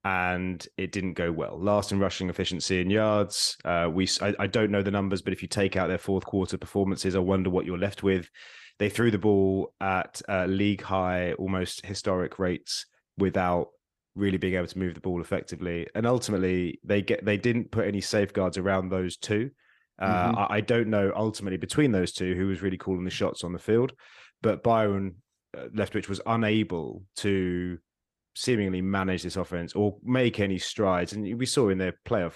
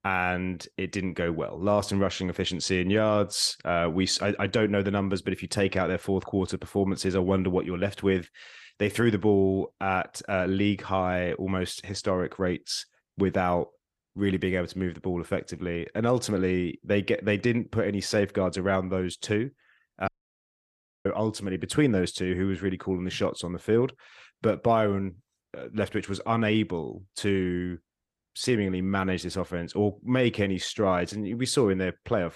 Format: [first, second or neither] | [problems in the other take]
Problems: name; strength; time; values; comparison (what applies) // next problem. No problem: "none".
first | audio cutting out; at 20 s for 1 s